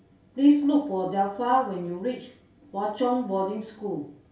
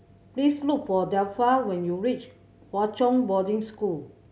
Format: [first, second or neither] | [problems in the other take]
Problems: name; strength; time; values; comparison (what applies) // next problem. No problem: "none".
second | room echo; dies away in 0.3 s